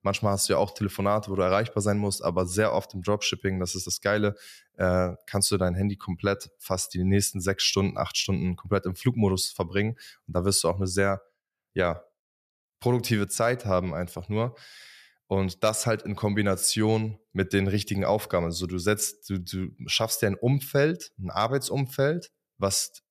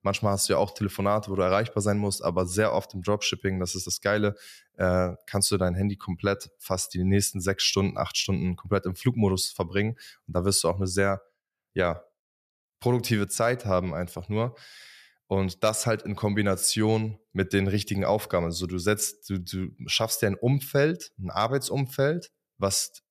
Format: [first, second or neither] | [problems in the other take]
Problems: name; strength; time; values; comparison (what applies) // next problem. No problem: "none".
neither | none